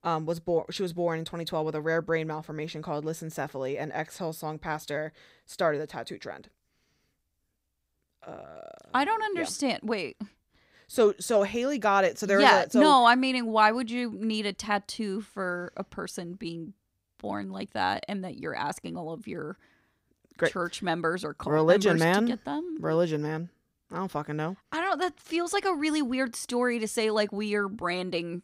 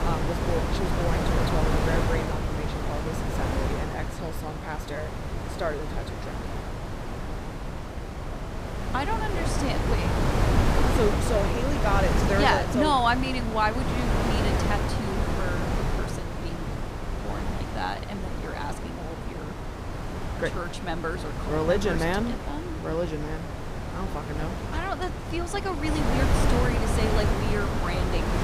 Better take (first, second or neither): first